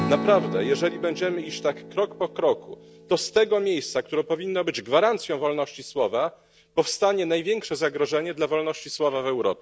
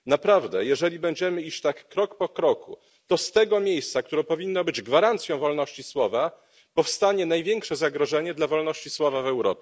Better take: second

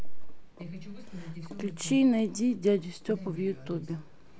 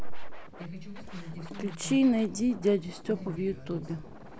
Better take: first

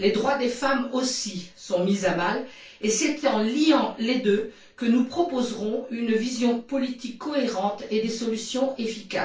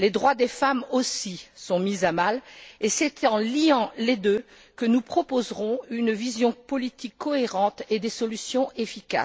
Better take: second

